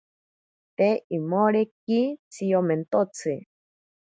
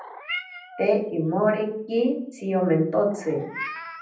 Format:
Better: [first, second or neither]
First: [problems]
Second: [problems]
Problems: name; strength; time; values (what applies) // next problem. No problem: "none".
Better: first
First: none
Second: background sound (Meow); 14 dB below the speech // room echo; dies away in 0.6 s